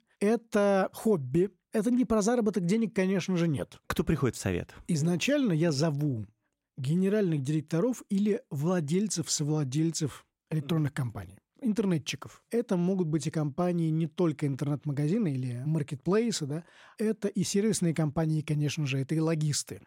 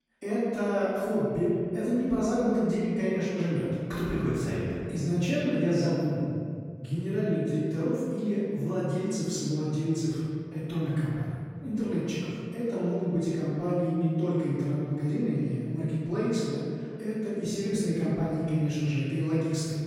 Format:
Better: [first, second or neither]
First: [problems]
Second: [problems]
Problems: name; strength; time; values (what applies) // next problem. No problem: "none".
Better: first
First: none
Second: room echo; strong; dies away in 2.1 s // off-mic speech; far